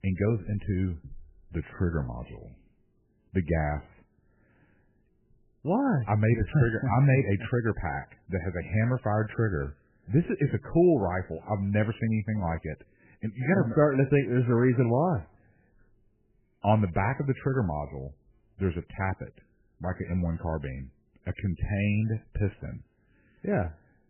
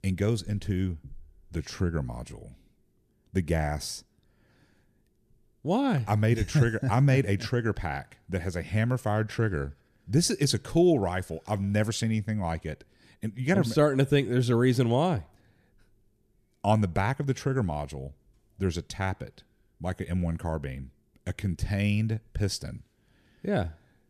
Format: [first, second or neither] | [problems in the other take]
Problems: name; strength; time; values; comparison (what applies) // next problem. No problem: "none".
second | garbled, watery; badly; nothing above 3 kHz